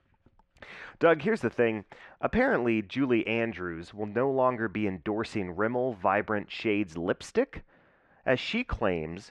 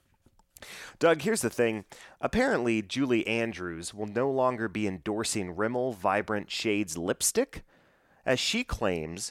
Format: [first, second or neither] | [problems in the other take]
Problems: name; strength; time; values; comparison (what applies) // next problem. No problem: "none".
second | muffled; very; fading above 2 kHz